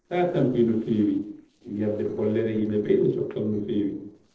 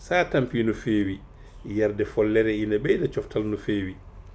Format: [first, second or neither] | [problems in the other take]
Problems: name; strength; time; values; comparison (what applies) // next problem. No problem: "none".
second | noise reduction (neural separator model SepFormer DNS4)